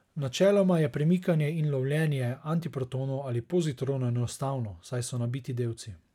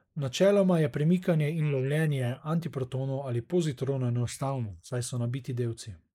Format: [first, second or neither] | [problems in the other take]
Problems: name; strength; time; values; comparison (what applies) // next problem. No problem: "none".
first | noise reduction (neural mask model Resemble Enhance denoiser)